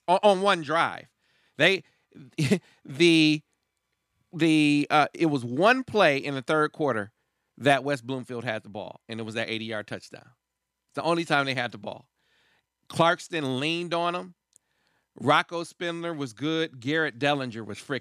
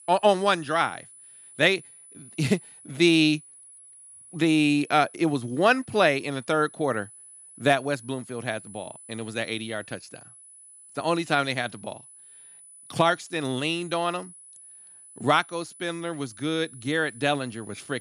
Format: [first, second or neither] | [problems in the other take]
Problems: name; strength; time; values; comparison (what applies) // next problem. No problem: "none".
first | high-pitched whine; faint; throughout; 10 kHz, 20 dB below the speech